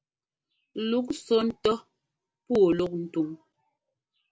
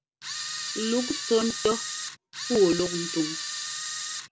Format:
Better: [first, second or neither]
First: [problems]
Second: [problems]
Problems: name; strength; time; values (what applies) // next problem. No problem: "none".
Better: first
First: none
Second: background sound (Camera); 5 dB below the speech